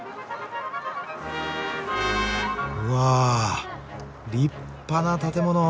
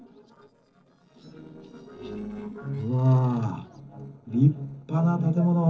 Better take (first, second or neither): first